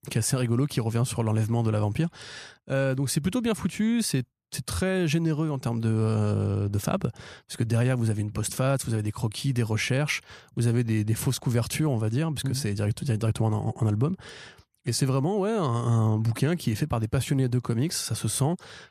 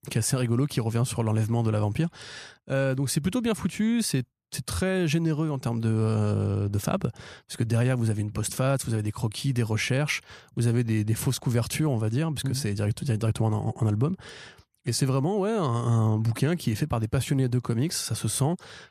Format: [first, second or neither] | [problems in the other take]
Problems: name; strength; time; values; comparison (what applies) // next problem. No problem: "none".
neither | none